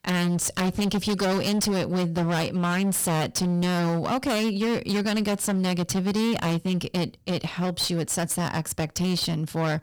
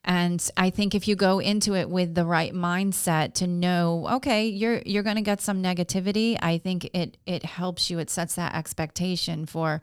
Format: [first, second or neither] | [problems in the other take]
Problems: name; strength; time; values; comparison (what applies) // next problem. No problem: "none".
second | distortion; heavy; 29% of the sound clipped